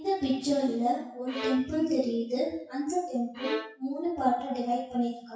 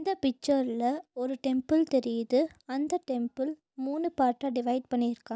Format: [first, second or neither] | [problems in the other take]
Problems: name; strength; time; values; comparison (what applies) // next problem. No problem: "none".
second | noise reduction (classical method WPE with log-MMSE)